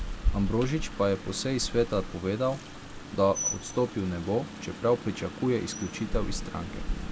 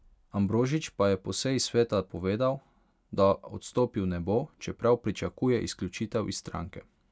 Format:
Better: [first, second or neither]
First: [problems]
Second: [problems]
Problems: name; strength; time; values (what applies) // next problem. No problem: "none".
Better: second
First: background sound (Rain); 5 dB below the speech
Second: none